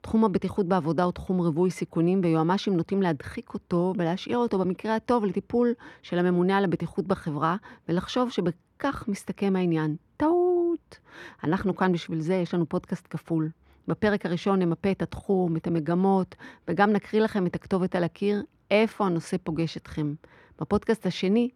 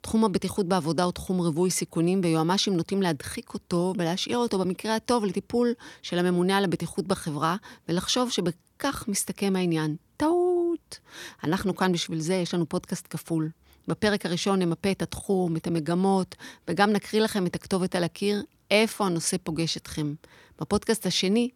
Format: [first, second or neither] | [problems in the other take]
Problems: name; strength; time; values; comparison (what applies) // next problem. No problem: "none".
second | muffled; slightly; fading above 3.5 kHz